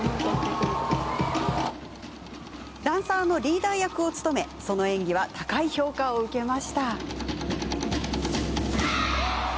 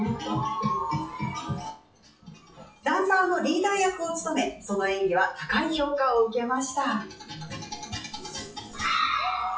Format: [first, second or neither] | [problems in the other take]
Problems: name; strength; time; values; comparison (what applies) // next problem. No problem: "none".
first | noise reduction (classical method WPE with log-MMSE)